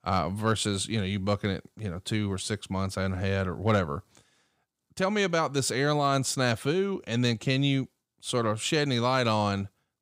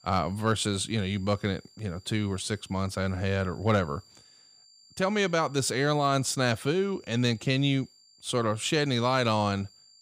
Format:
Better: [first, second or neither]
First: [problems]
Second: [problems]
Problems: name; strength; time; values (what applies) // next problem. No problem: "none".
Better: first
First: none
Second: high-pitched whine; faint; throughout; 4.5 kHz, 25 dB below the speech